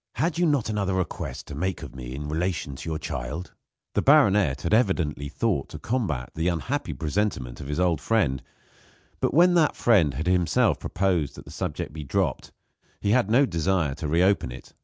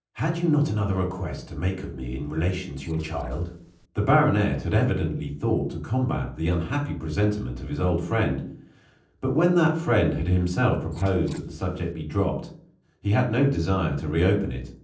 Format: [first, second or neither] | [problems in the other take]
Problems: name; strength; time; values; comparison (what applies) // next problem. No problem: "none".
first | noise reduction (neural separator model SepFormer DNS4)